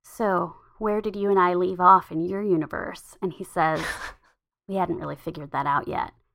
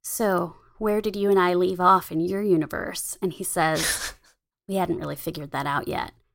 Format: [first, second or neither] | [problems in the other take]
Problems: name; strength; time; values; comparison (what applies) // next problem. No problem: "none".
second | muffled; very; fading above 4 kHz